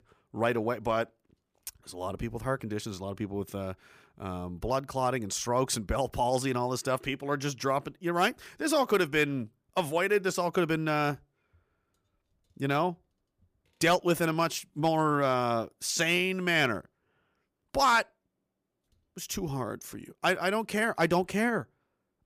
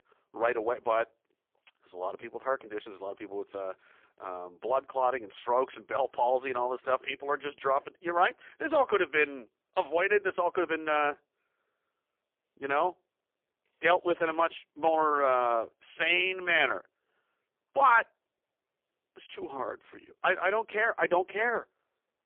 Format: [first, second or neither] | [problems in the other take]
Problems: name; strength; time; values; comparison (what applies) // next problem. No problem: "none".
first | phone-call audio; poor line; nothing above 3 kHz